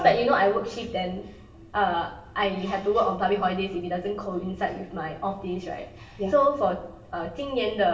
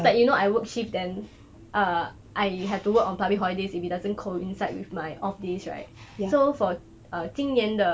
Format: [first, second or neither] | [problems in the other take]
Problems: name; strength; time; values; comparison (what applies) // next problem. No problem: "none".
second | room echo; dies away in 0.8 s